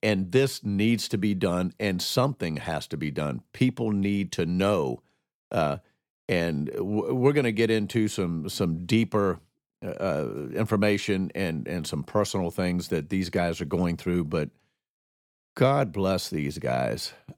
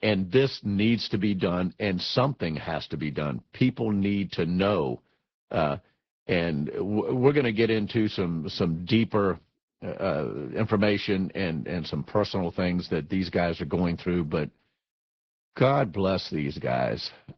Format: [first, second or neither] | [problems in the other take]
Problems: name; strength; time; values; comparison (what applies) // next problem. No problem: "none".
first | garbled, watery; badly; nothing above 5 kHz